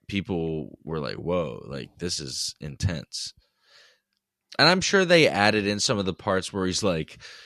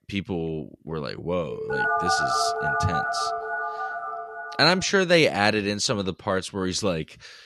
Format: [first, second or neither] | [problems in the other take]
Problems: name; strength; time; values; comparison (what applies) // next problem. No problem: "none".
first | phone ringing; loud; from 1.5 to 4.5 s; peak 2 dB above the speech